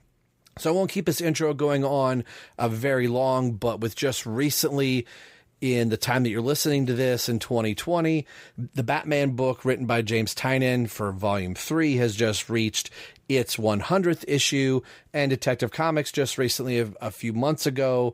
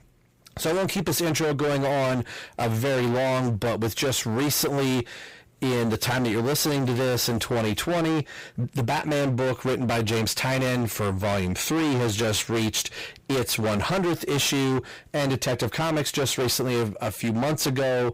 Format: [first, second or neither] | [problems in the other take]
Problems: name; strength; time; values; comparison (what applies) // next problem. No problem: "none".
first | distortion; heavy; 37% of the sound clipped